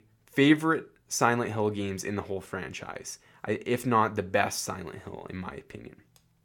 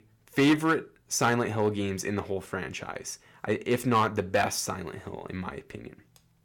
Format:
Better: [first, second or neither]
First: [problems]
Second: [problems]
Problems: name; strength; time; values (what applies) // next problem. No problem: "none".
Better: first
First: none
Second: distortion; slight; 2% of the sound clipped